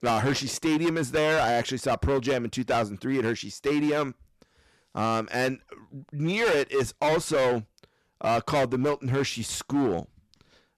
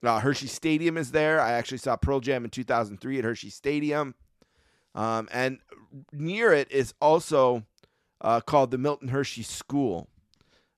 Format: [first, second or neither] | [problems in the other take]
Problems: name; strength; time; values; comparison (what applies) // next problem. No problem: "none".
second | distortion; heavy; 14% of the sound clipped